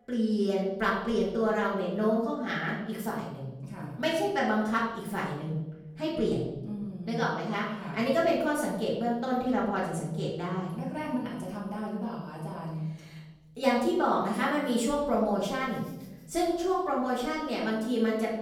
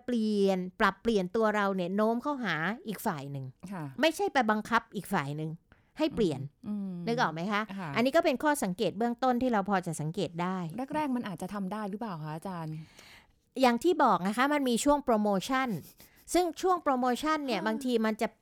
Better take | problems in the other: second | off-mic speech; far // room echo; noticeable; dies away in 1 s

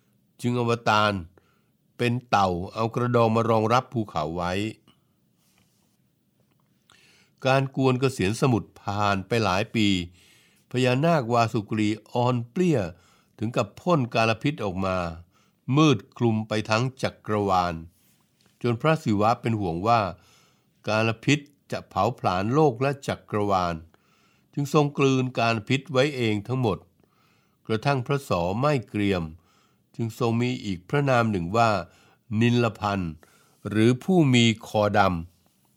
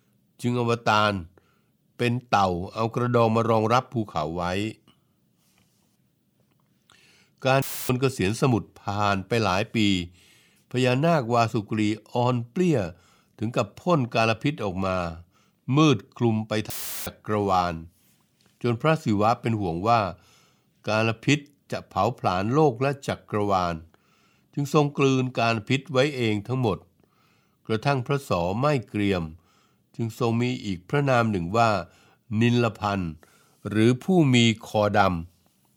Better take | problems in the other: first | audio cutting out; filled with static; at 7.5 s and at 17 s

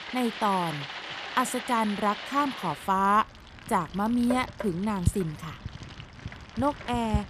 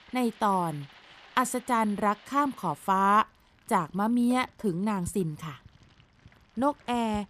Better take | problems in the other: second | rain or running water; loud; throughout; 9 dB below the speech; faint in the second

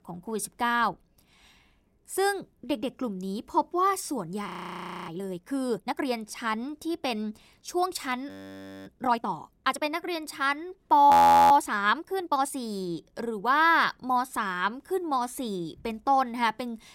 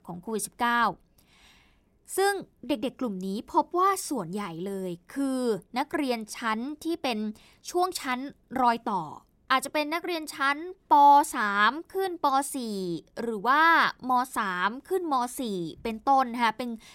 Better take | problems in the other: second | audio freezing; at 4.5 s for 0.5 s, at 8.5 s for 0.5 s and at 11 s

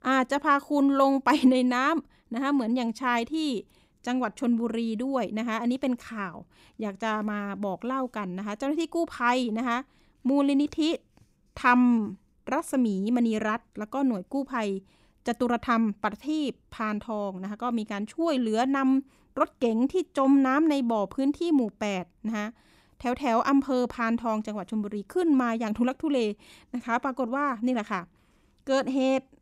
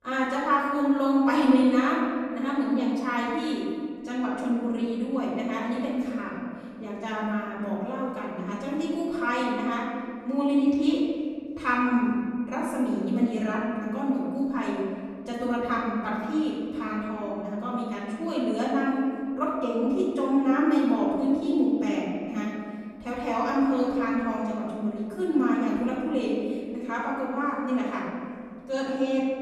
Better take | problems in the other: first | off-mic speech; far // room echo; noticeable; dies away in 2 s

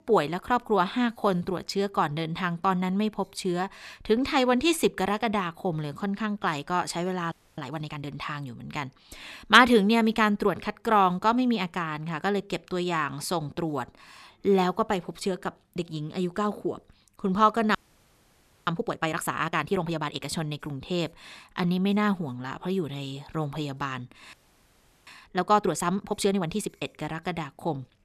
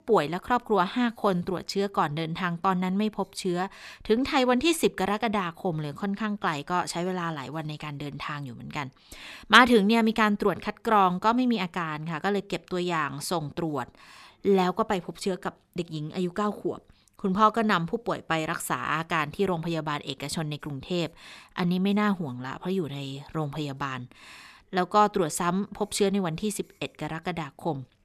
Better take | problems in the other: second | audio freezing; at 7.5 s, at 18 s for 1 s and at 24 s for 0.5 s

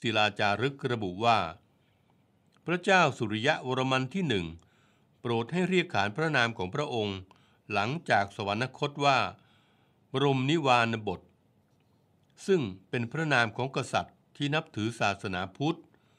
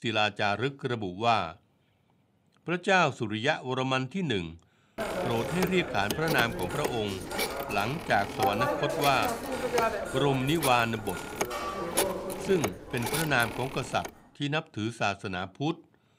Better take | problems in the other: first | phone ringing; loud; from 5 to 14 s; peak 2 dB above the speech

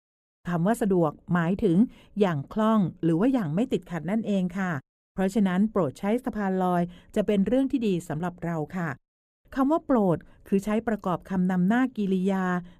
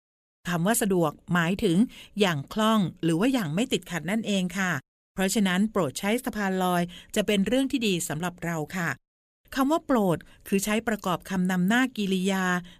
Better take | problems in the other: second | muffled; slightly; fading above 2 kHz

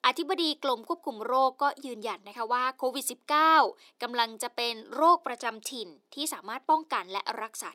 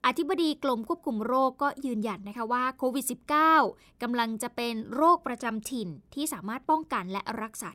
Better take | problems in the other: second | thin; somewhat; fading below 300 Hz

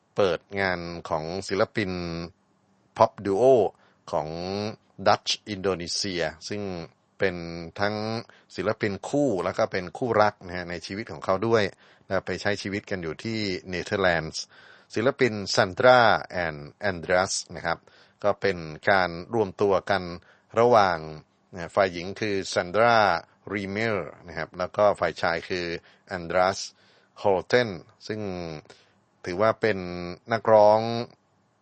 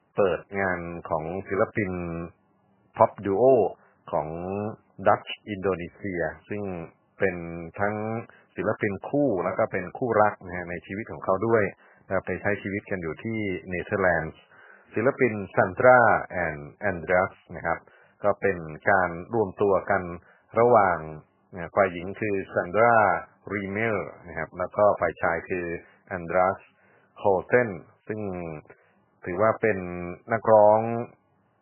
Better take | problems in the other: first | garbled, watery; badly; nothing above 2.5 kHz; slightly in the first

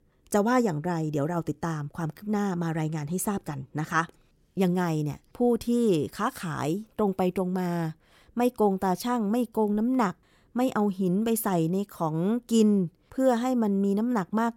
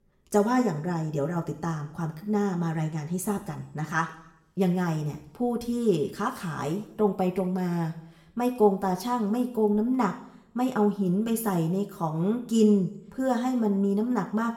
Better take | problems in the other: first | room echo; slight; dies away in 0.7 s

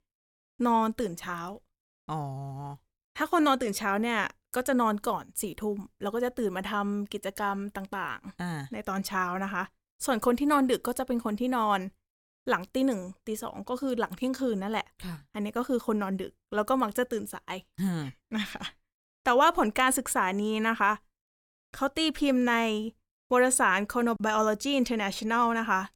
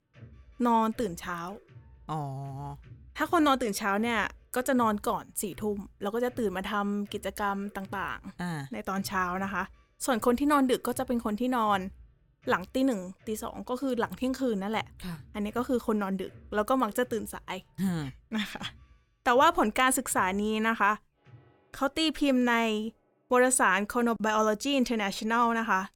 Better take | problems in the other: first | background music; faint; throughout; 25 dB below the speech

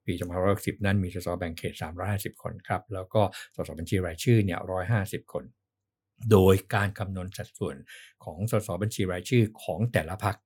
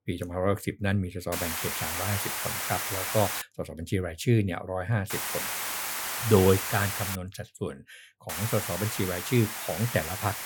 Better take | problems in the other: first | hiss; loud; from 1.5 to 3.5 s, from 5 to 7 s and from 8.5 s on; 2 dB below the speech

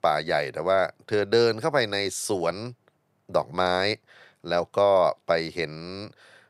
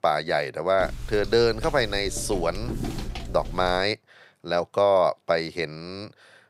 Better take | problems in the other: first | footsteps; noticeable; from 1 to 4 s; peak 7 dB below the speech

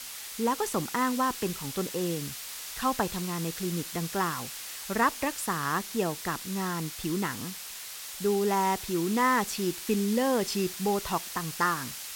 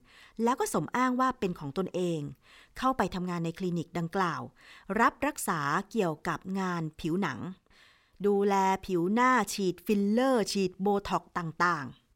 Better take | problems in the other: second | hiss; loud; throughout; 7 dB below the speech

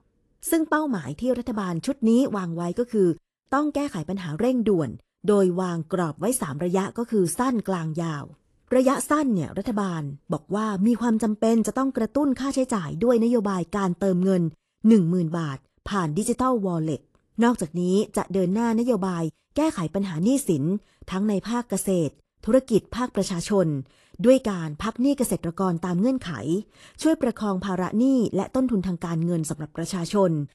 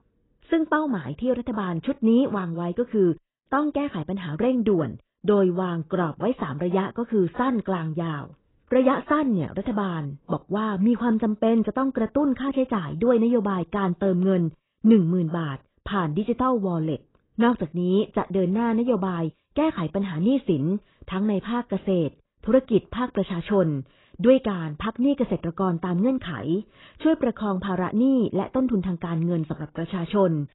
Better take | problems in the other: first | garbled, watery; badly; nothing above 4 kHz; slightly in the first

